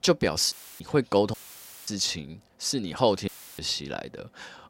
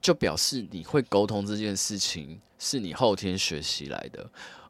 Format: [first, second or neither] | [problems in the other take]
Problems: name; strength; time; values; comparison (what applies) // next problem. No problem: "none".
second | audio cutting out; filled with static; at 0.5 s, at 1.5 s for 0.5 s and at 3.5 s